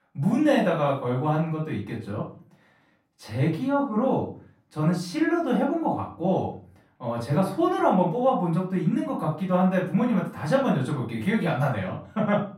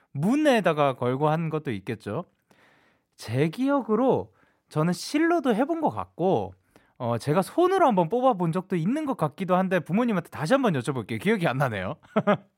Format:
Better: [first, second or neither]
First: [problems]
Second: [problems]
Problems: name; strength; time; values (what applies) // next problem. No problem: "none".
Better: second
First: off-mic speech; far // room echo; slight; dies away in 0.4 s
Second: none